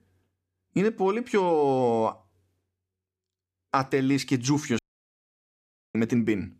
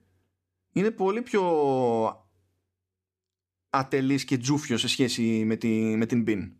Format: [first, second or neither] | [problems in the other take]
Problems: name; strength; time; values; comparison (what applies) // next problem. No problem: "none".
second | audio cutting out; at 5 s for 1 s